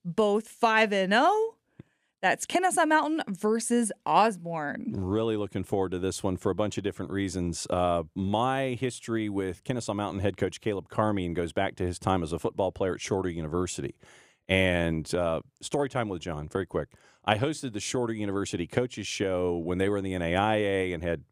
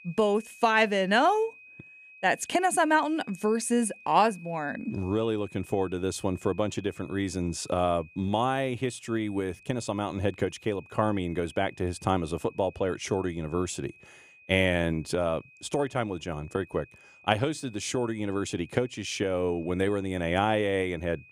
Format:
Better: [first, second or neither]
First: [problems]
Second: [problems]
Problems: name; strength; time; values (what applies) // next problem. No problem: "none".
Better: first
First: none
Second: high-pitched whine; faint; throughout; 2.5 kHz, 25 dB below the speech